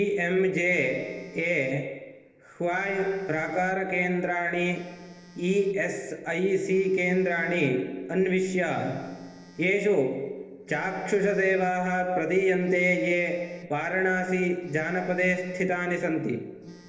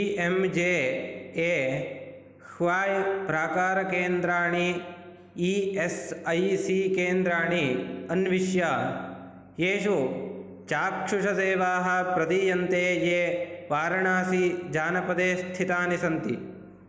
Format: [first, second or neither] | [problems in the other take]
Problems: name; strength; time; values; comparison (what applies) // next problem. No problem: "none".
second | noise reduction (neural separator model SepFormer DNS4)